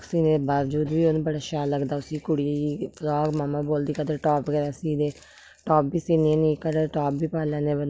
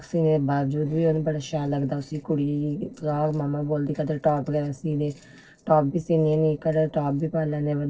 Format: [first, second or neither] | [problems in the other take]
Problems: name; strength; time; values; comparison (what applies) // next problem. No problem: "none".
first | noise reduction (neural separator model SepFormer DNS4)